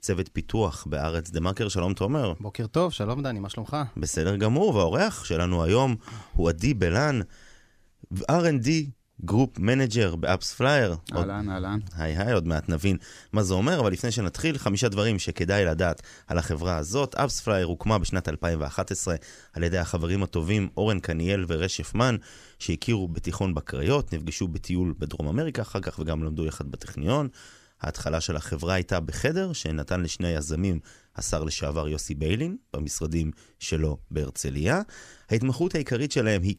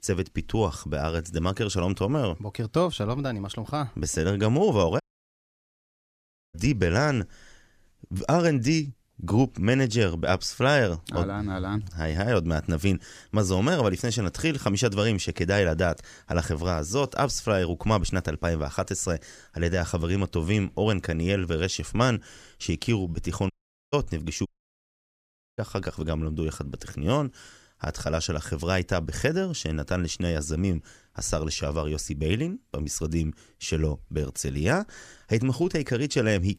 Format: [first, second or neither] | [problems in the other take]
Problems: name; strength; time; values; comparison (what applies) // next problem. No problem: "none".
first | audio cutting out; at 5 s for 1.5 s and at 24 s for 1 s